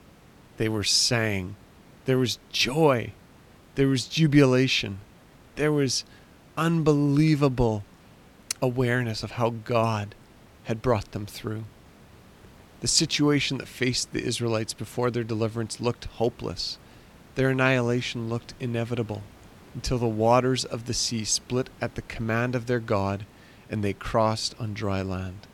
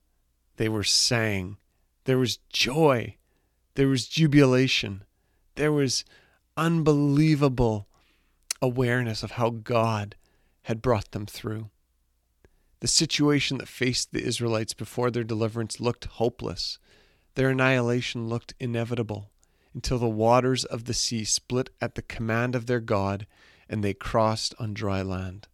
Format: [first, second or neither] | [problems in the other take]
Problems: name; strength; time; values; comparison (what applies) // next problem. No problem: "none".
second | hiss; faint; throughout; 25 dB below the speech